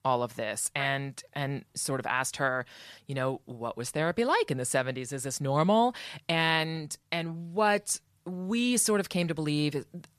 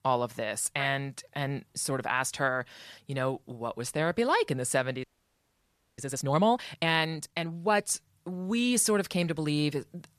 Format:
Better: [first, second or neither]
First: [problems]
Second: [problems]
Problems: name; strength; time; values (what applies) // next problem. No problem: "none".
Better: first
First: none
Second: audio freezing; at 5 s for 1 s